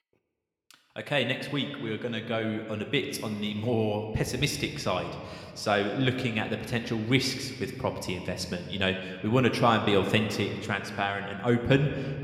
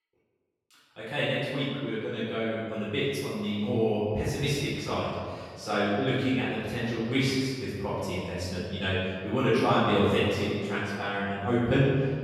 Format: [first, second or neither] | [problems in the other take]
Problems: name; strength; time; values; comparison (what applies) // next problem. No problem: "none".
first | room echo; strong; dies away in 1.7 s; slight in the first // off-mic speech; far